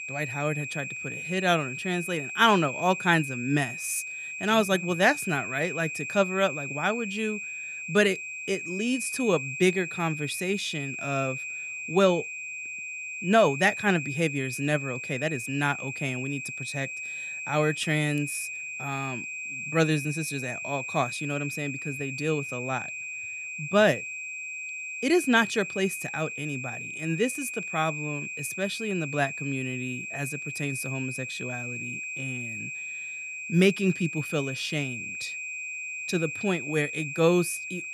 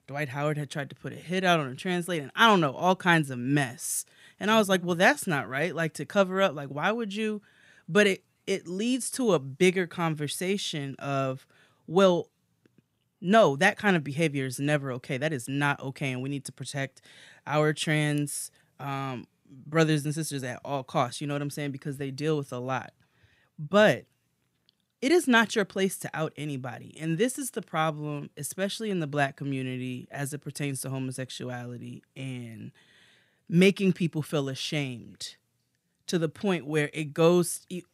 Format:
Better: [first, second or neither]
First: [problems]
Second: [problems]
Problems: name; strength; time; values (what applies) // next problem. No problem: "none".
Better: second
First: high-pitched whine; loud; throughout; 2.5 kHz, 6 dB below the speech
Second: none